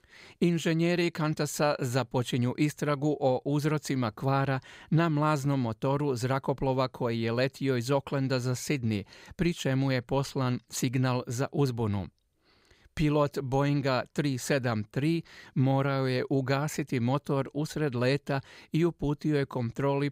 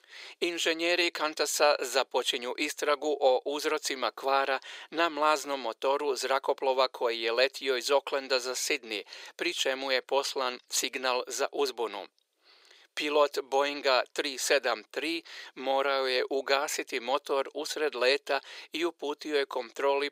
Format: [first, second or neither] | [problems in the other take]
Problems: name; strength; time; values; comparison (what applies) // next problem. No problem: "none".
first | thin; very; fading below 400 Hz